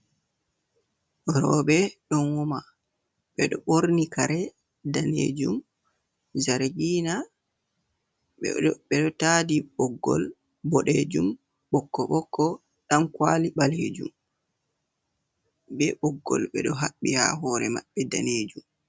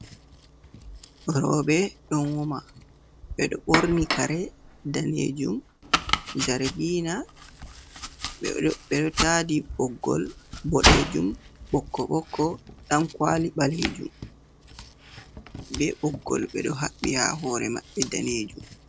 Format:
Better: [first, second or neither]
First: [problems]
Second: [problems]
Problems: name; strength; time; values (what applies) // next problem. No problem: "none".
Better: first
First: none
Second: background sound (Domestic sounds, home sounds); 5 dB below the speech